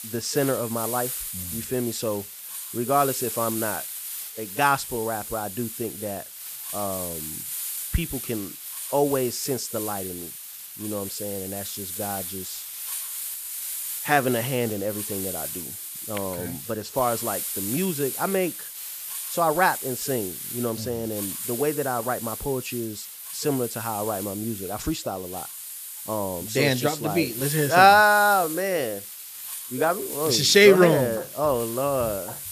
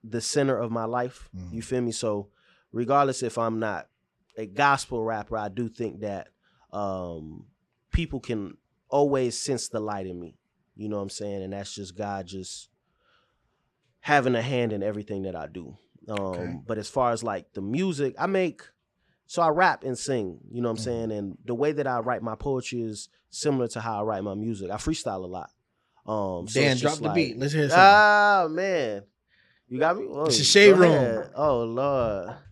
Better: second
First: hiss; loud; throughout; 7 dB below the speech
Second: none

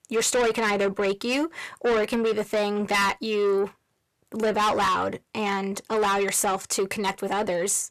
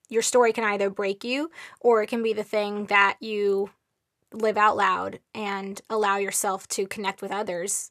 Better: second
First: distortion; heavy; 7 dB below the speech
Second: none

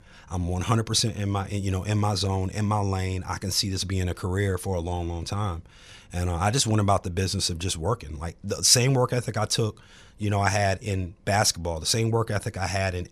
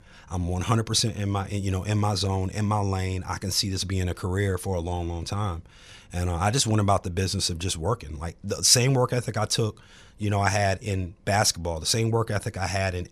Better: neither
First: none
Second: none

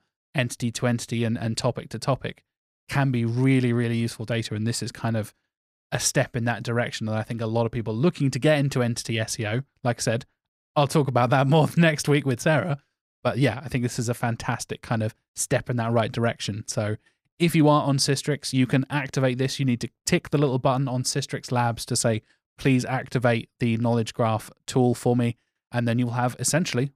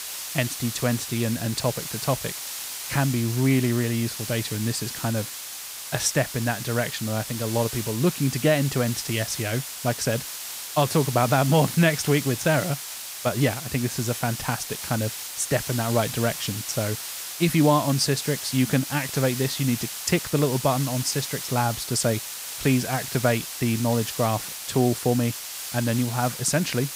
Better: first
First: none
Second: hiss; loud; throughout; 7 dB below the speech

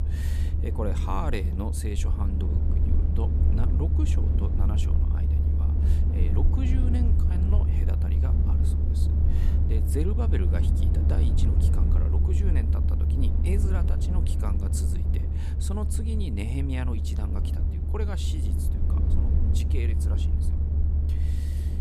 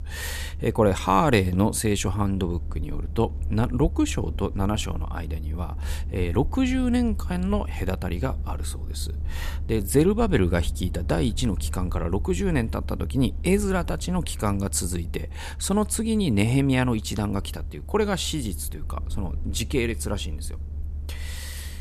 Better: second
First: low rumble; loud; throughout; 1 dB below the speech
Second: low rumble; faint; throughout; 25 dB below the speech

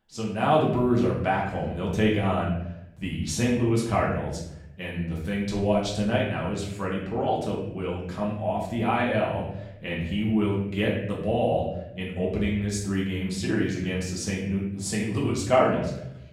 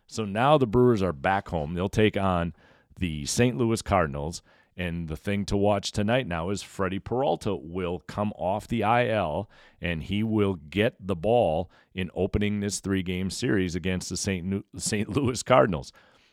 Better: second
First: off-mic speech; far // room echo; noticeable; dies away in 0.8 s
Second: none

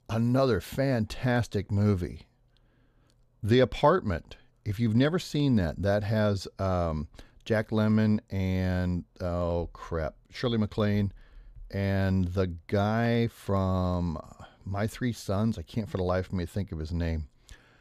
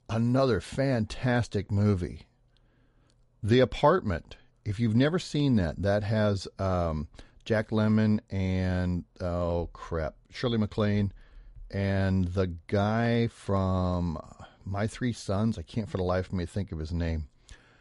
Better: first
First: none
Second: garbled, watery; slightly; nothing above 11 kHz

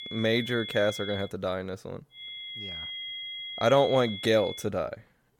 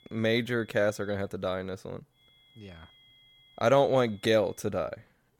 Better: second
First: high-pitched whine; loud; until 1.5 s and from 2 to 4.5 s; 3.5 kHz, 9 dB below the speech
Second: high-pitched whine; faint; until 1.5 s and from 2 to 4.5 s; 3.5 kHz, 30 dB below the speech

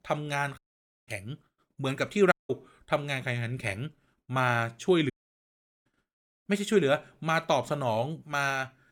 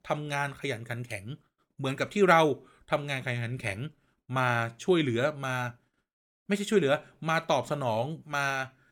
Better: second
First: audio cutting out; at 0.5 s, at 2.5 s and at 5 s for 1 s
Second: none

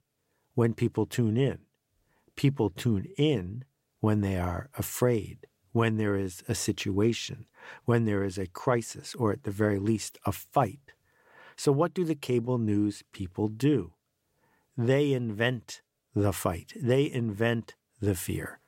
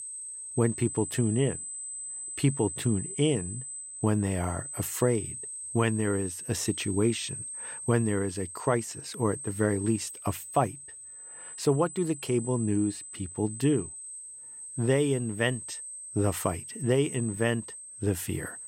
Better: first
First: none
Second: high-pitched whine; loud; throughout; 8.5 kHz, 8 dB below the speech

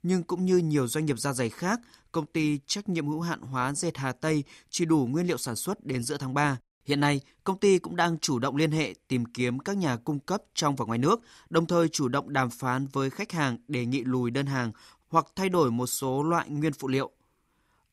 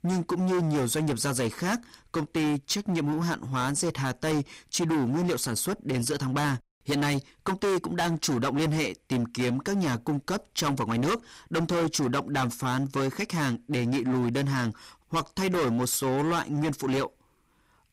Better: first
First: none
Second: distortion; heavy; 21% of the sound clipped

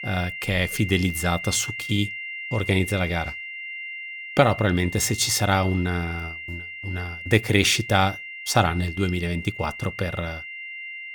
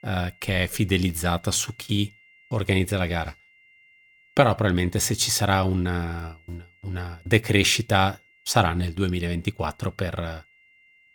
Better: second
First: high-pitched whine; loud; throughout; 2 kHz, 10 dB below the speech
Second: high-pitched whine; faint; throughout; 2 kHz, 30 dB below the speech

